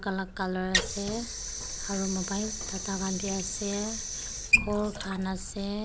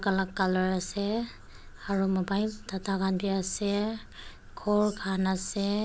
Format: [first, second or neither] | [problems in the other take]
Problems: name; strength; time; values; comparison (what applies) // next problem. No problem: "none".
second | background sound (Sink (filling or washing) / Water); as loud as the speech